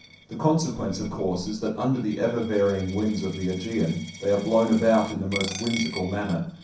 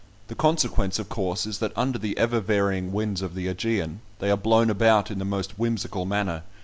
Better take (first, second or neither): second